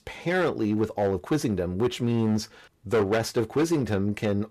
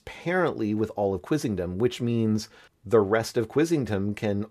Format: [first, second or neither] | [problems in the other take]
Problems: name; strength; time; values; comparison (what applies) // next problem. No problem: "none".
second | distortion; slight; 8% of the sound clipped